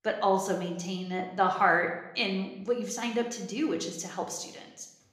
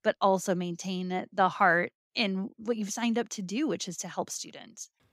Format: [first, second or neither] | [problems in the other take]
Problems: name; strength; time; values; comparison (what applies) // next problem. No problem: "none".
second | room echo; slight; dies away in 0.7 s